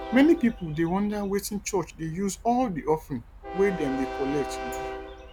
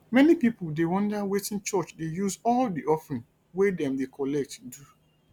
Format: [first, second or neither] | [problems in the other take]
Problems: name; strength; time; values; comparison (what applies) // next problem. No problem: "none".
second | background sound (Train); 11 dB below the speech